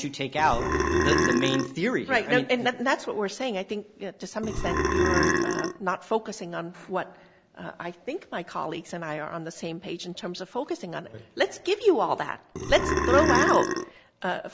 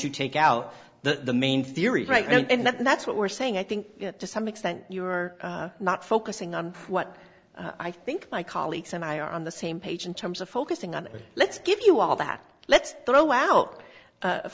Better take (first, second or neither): second